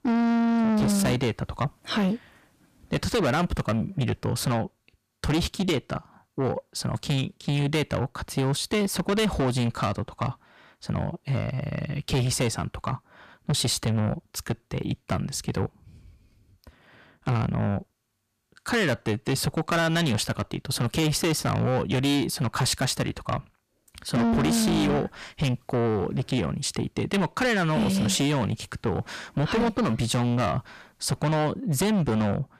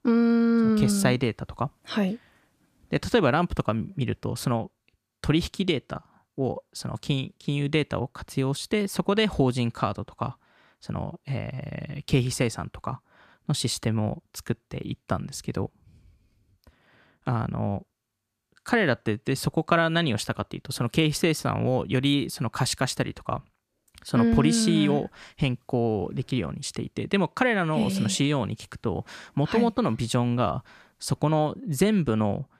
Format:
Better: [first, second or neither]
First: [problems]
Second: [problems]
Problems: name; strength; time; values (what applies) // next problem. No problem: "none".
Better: second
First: distortion; heavy; 7 dB below the speech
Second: none